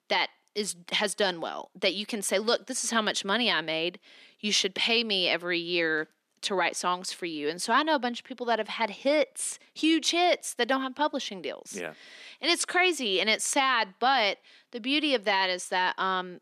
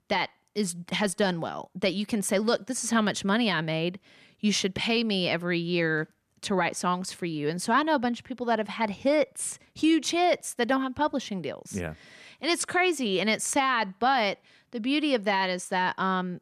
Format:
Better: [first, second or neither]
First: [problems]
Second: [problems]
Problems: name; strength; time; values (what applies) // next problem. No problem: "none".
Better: second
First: thin; very slightly; fading below 250 Hz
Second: none